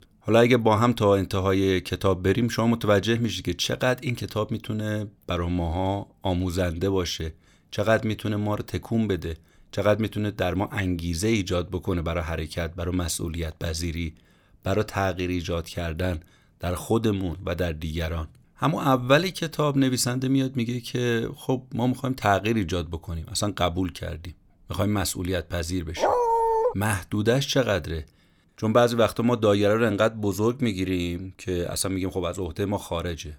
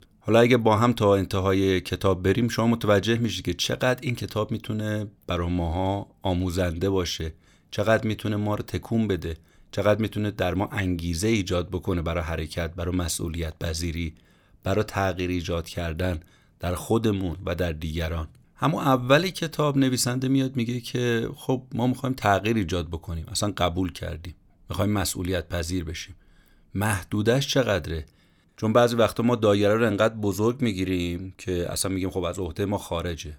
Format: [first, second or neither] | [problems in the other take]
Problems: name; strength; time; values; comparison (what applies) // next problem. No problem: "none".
second | dog barking; loud; at 26 s; peak 4 dB above the speech